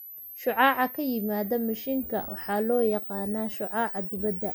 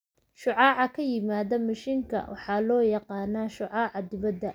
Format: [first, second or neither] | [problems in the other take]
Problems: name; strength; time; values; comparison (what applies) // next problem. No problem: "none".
second | background sound (Camera); 10 dB below the speech